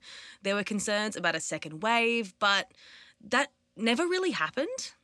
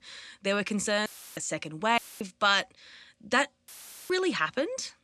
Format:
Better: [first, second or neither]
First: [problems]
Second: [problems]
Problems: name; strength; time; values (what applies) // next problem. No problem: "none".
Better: first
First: none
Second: audio cutting out; filled with static; at 1 s, at 2 s and at 3.5 s